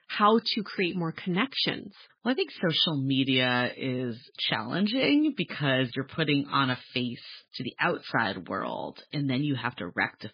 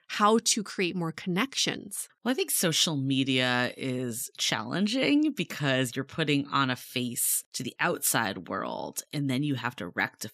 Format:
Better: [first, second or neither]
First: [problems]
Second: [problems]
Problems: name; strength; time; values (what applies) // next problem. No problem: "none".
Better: second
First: garbled, watery; badly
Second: none